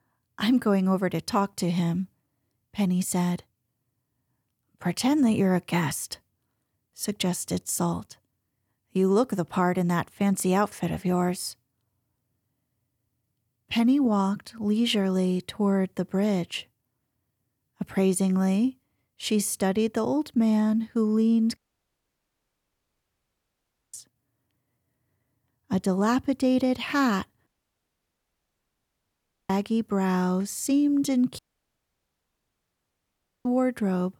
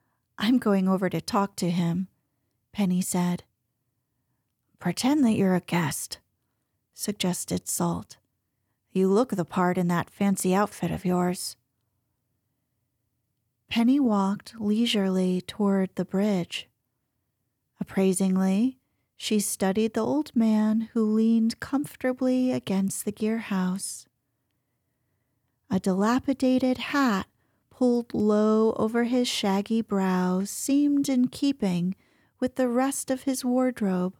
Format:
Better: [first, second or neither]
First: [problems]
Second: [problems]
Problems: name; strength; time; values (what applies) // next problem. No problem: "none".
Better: second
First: audio cutting out; at 22 s for 2.5 s, at 27 s for 2 s and at 31 s for 2 s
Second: none